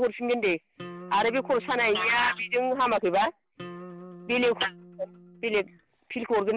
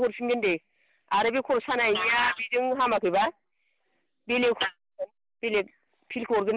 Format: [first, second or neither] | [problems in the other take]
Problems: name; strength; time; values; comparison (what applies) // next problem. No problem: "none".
second | background sound (Acoustic guitar); 18 dB below the speech